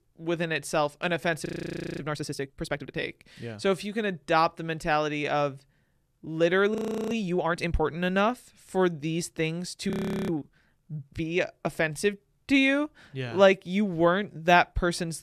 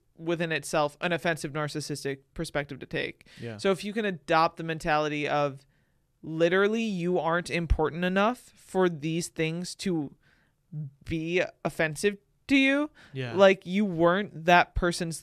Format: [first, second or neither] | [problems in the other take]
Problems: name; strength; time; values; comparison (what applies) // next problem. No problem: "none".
second | audio freezing; at 1.5 s for 0.5 s, at 7 s and at 10 s